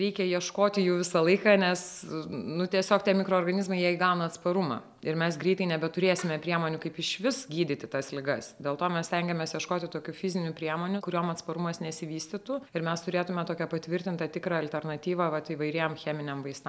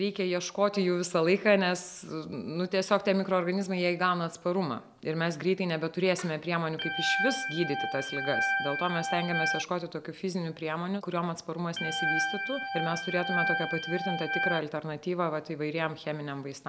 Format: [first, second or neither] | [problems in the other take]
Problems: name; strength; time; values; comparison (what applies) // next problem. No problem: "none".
first | background sound (Organ); 1 dB below the speech